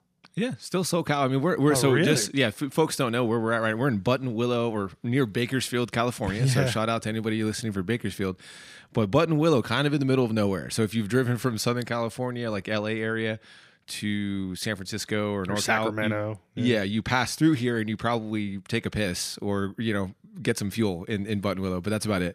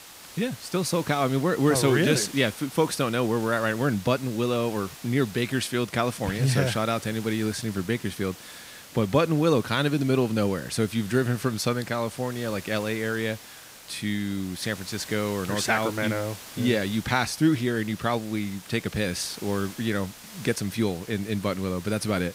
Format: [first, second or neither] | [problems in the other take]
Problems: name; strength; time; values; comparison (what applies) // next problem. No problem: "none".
first | hiss; noticeable; throughout; 15 dB below the speech